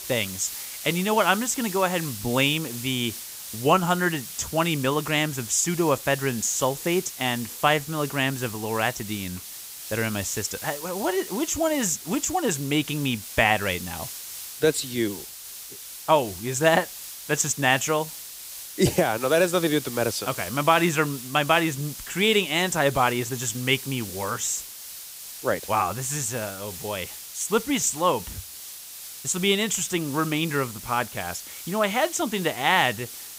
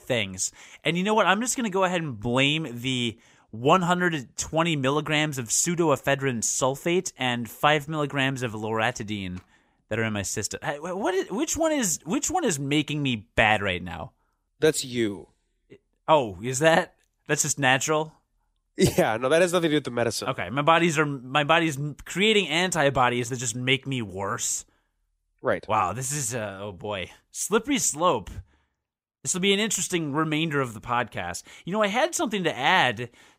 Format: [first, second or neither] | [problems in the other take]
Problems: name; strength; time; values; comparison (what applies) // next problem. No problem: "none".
second | hiss; noticeable; throughout; 10 dB below the speech